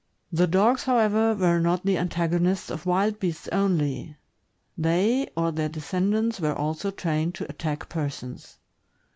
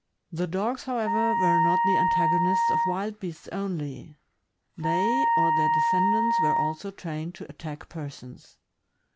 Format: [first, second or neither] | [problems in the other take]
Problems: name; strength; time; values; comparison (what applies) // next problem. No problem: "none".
first | background sound (Wind instrument, woodwind instrument); 5 dB above the speech